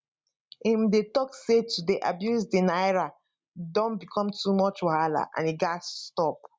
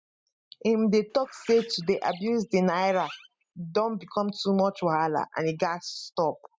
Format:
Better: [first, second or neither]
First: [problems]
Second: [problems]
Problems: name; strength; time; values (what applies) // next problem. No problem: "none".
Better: first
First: none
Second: noise reduction (classical method spectral subtraction)